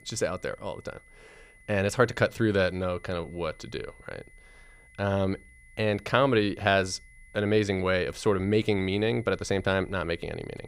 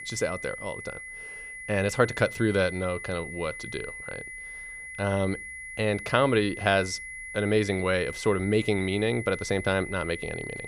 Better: first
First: high-pitched whine; faint; throughout; 2 kHz, 25 dB below the speech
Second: high-pitched whine; loud; throughout; 2 kHz, 10 dB below the speech

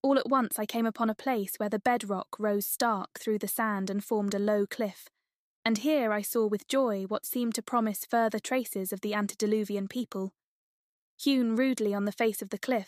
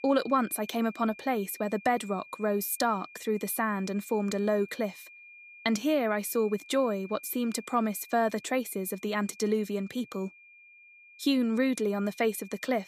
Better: first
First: none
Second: high-pitched whine; noticeable; throughout; 2.5 kHz, 20 dB below the speech

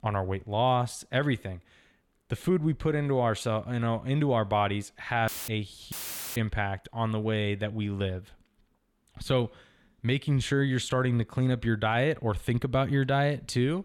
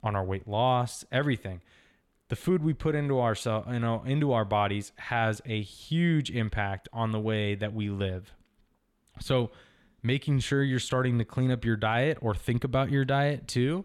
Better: second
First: audio cutting out; filled with static; at 5.5 s and at 6 s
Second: none

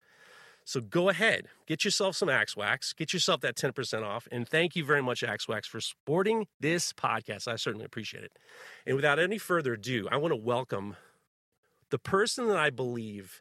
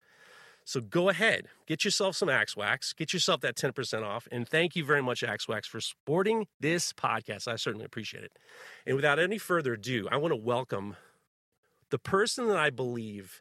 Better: neither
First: none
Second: none

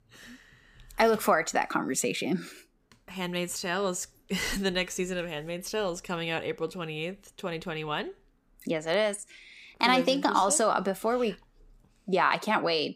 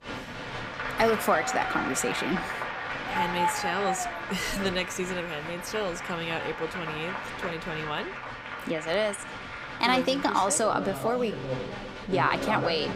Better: first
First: none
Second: crowd noise; loud; throughout; 5 dB below the speech

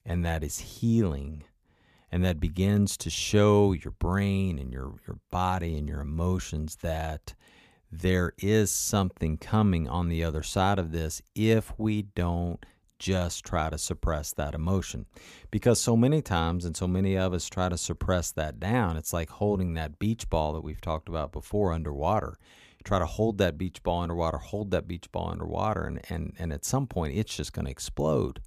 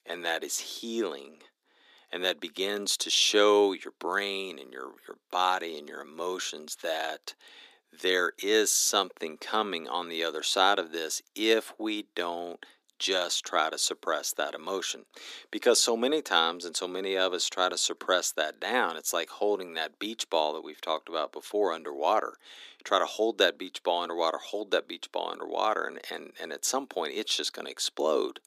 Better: first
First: none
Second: thin; very; fading below 300 Hz

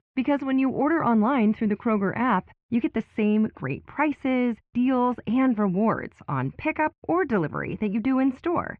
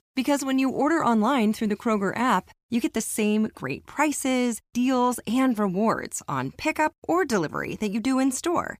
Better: second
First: muffled; very; fading above 2.5 kHz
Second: none

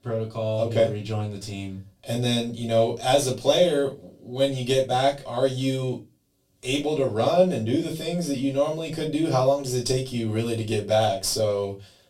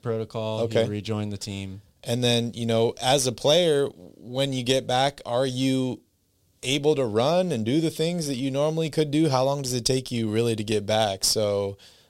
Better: second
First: off-mic speech; far // room echo; very slight; dies away in 0.2 s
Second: none

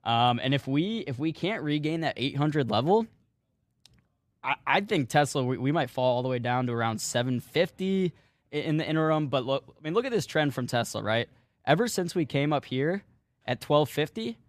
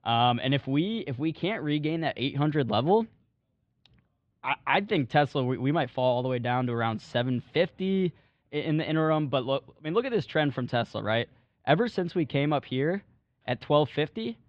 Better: first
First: none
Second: muffled; slightly; fading above 3.5 kHz

